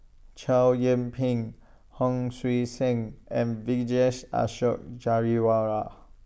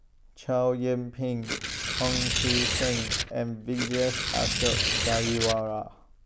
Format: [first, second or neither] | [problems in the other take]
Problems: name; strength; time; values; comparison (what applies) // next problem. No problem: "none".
first | background sound (Tearing); 1 dB above the speech